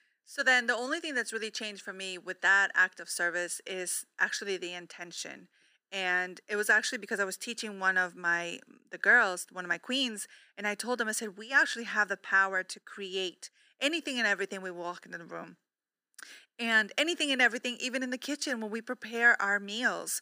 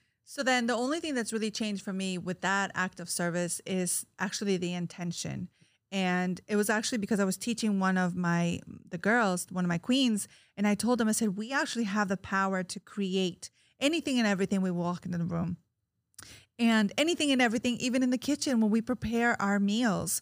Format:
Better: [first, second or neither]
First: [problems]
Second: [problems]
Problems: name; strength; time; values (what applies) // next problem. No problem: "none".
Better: second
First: thin; very; fading below 300 Hz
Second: none